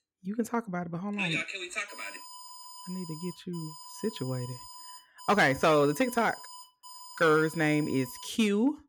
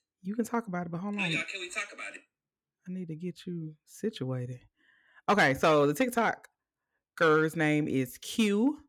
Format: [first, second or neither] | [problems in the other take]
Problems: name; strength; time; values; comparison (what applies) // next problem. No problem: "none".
second | alarm; faint; from 2 to 8.5 s; peak 15 dB below the speech